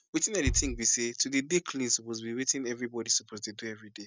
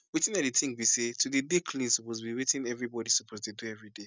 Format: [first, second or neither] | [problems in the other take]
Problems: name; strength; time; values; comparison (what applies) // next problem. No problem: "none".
second | background sound (Bass drum); 8 dB below the speech